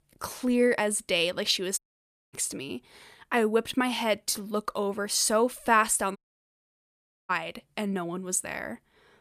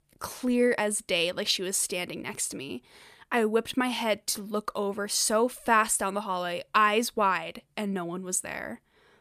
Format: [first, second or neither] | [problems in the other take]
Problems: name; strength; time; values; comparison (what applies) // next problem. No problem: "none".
second | audio cutting out; at 2 s for 0.5 s and at 6 s for 1 s